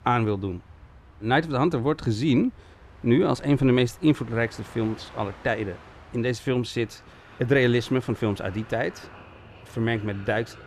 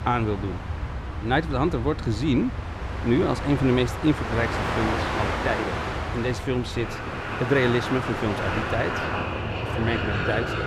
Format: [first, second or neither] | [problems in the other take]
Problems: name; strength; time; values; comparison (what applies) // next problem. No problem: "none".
first | train or aircraft noise; loud; throughout; 3 dB below the speech; faint in the first